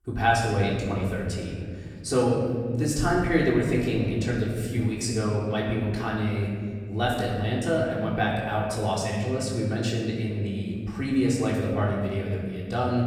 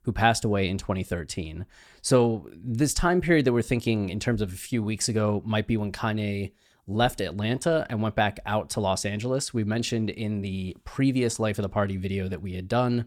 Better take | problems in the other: second | off-mic speech; far // room echo; noticeable; dies away in 2.1 s

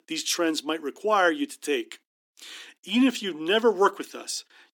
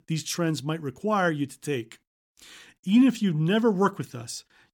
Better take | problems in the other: second | thin; somewhat; fading below 300 Hz

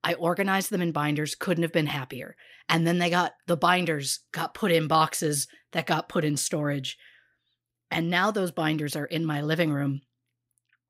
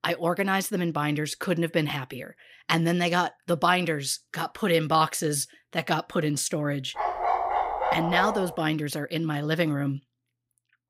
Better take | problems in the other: first | dog barking; loud; from 7 to 8.5 s; peak 1 dB above the speech

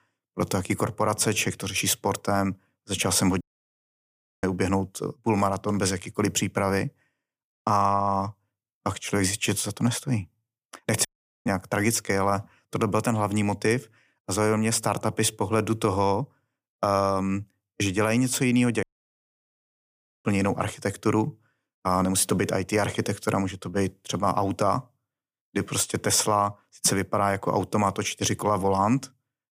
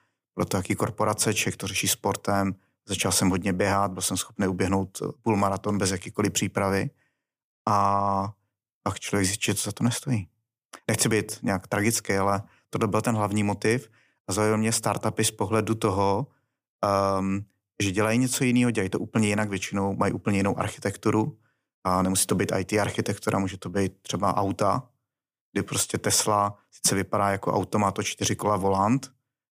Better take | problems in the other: second | audio cutting out; at 3.5 s for 1 s, at 11 s and at 19 s for 1.5 s

